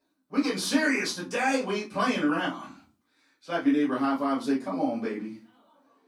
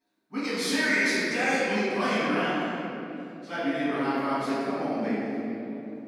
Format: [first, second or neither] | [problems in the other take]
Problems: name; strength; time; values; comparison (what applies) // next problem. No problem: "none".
first | room echo; strong; dies away in 3 s; slight in the first // off-mic speech; far; far in the first